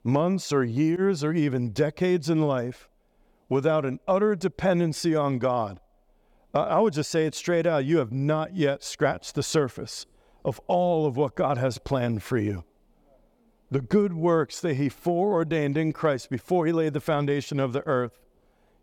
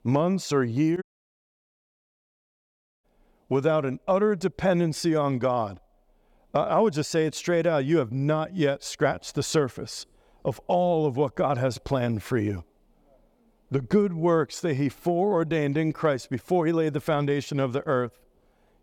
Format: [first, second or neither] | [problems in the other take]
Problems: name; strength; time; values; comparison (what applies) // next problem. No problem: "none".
first | audio cutting out; at 1 s for 2 s